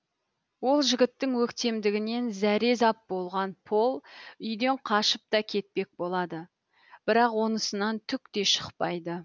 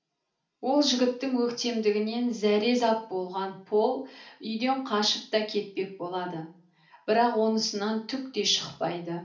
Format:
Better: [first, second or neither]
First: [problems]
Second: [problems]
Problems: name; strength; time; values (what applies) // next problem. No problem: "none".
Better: first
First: none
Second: room echo; dies away in 0.4 s